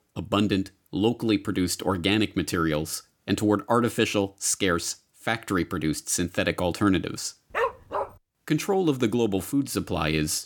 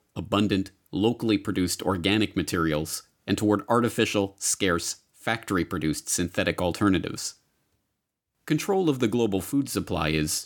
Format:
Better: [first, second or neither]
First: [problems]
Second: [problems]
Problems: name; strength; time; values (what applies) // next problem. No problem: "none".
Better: second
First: dog barking; noticeable; at 7.5 s; peak 2 dB below the speech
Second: none